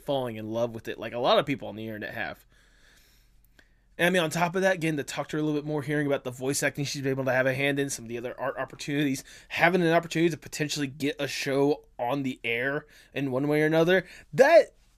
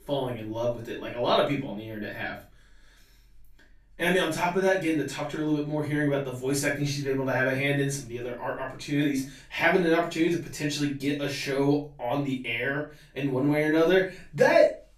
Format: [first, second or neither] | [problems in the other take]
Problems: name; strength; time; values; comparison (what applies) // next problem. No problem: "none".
first | off-mic speech; far // room echo; slight; dies away in 0.3 s